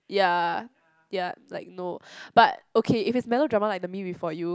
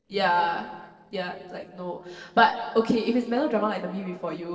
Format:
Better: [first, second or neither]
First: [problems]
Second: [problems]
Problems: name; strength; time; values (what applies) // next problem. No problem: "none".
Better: first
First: none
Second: noise reduction (neural separator model SepFormer DNS4)